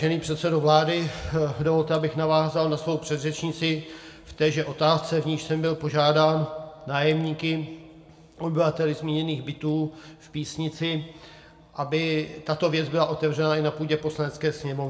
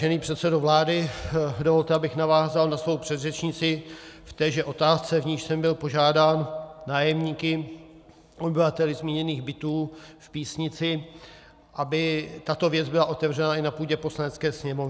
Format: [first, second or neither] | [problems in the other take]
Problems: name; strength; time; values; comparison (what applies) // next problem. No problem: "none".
second | room echo; dies away in 1.9 s